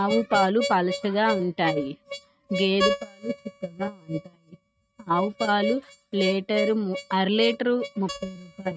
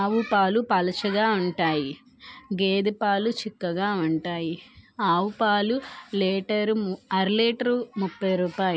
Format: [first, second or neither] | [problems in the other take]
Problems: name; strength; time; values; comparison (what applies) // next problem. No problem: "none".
second | noise reduction (neural mask model RNNoise)